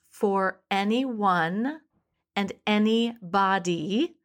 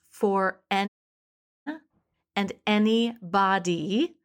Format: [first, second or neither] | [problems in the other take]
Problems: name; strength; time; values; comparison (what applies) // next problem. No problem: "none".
first | audio cutting out; at 1 s for 1 s